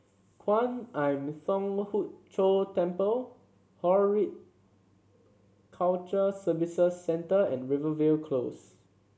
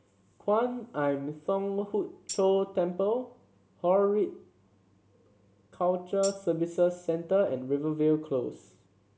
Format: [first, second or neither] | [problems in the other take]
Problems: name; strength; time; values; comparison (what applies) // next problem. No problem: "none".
first | background sound (Tambourine); 15 dB below the speech